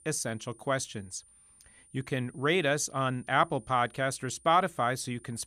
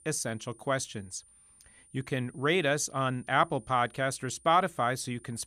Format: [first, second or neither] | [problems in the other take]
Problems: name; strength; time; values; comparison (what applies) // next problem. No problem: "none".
neither | high-pitched whine; faint; throughout; 9.5 kHz, 25 dB below the speech; the same in both